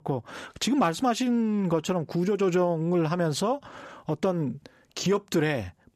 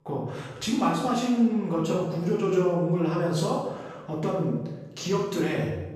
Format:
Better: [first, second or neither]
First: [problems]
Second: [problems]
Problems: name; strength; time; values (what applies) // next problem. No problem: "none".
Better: first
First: none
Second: off-mic speech; far // room echo; noticeable; dies away in 0.9 s